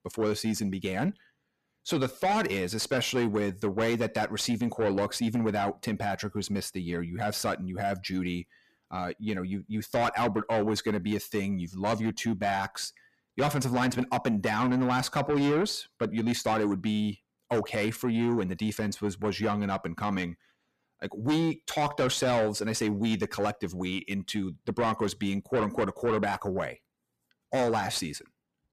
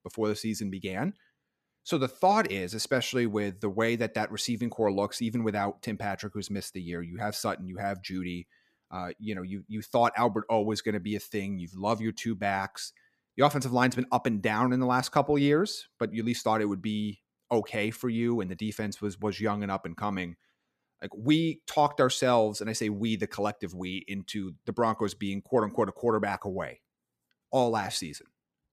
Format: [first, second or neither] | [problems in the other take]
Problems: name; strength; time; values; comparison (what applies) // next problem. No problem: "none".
second | distortion; heavy; 7 dB below the speech